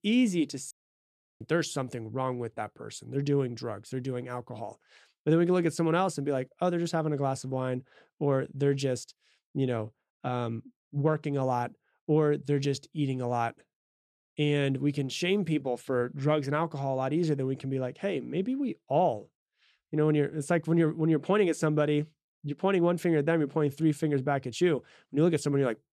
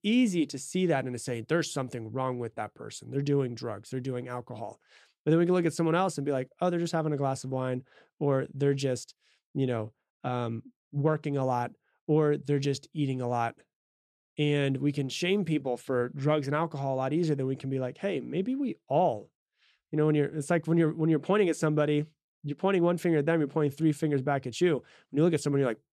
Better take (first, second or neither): second